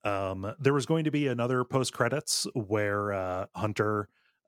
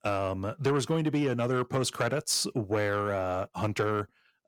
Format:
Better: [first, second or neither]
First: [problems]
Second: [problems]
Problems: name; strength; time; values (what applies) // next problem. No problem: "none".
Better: first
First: none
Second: distortion; slight; 10 dB below the speech